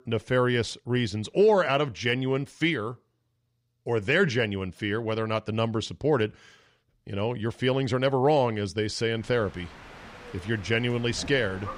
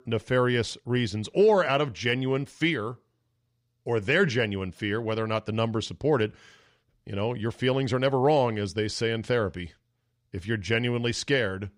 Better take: second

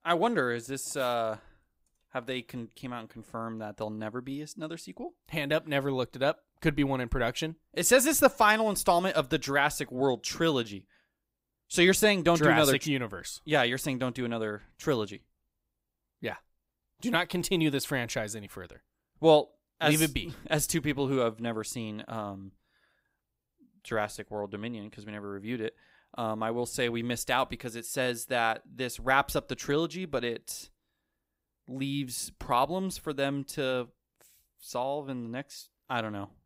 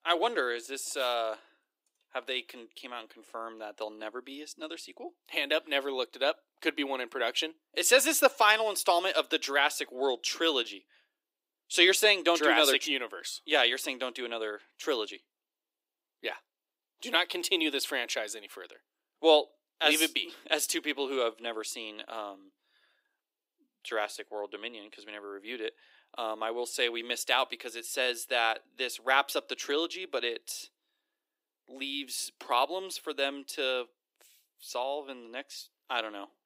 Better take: first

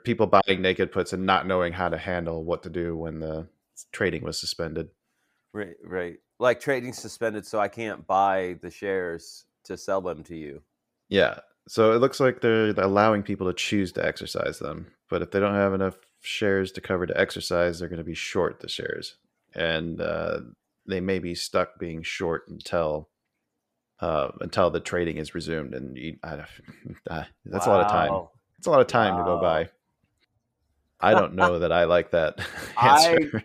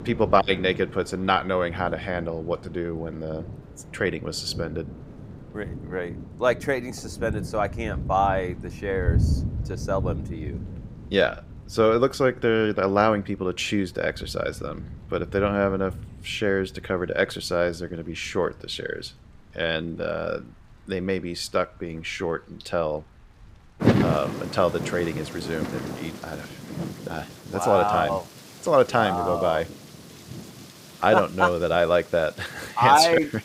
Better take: first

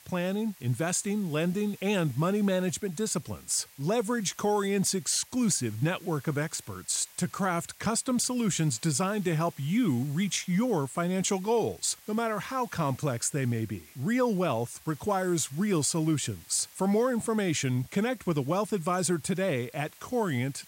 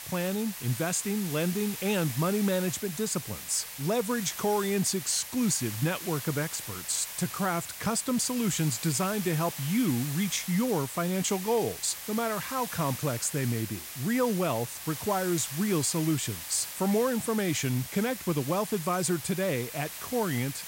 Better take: first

